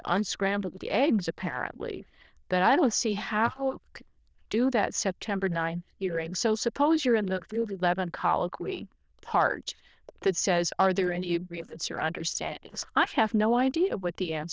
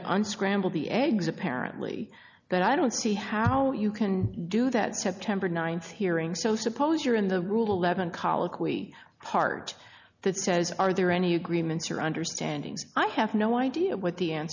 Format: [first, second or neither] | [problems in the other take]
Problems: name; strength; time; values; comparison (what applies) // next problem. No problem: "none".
second | noise reduction (neural diffusion model UNIVERSE++)